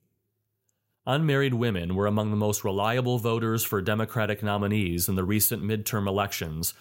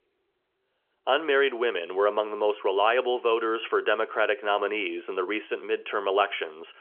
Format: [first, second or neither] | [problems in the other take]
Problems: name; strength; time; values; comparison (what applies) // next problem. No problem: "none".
first | phone-call audio; nothing above 3.5 kHz